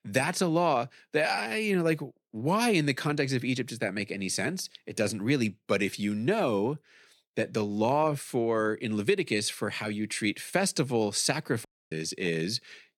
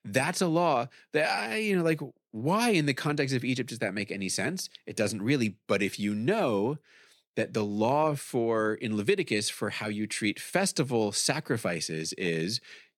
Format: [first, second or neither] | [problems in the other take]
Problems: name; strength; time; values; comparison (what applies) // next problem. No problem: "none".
second | audio cutting out; at 12 s